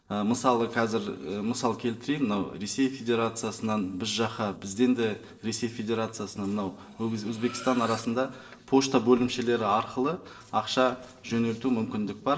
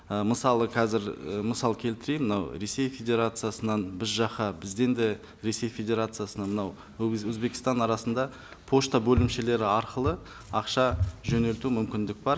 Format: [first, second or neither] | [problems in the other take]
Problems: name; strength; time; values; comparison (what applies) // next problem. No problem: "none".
second | noise reduction (neural separator model SepFormer DNS4)